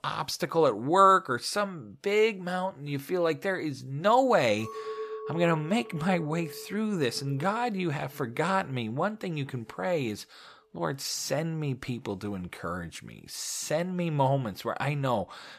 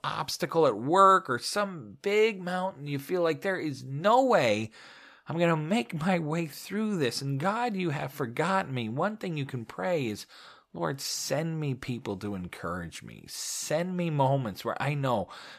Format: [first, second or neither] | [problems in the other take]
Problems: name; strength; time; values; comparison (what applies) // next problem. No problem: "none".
second | clattering dishes; noticeable; from 4.5 to 8.5 s; peak 8 dB below the speech